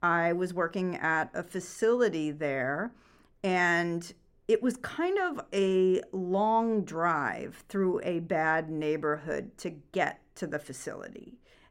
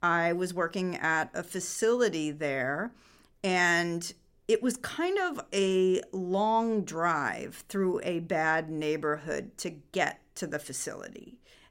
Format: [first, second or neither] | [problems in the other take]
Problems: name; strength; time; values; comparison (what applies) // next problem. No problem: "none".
second | muffled; slightly; fading above 3 kHz